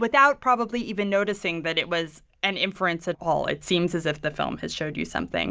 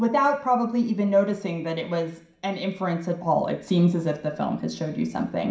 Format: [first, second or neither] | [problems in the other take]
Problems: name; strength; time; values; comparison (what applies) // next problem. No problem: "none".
first | room echo; dies away in 0.5 s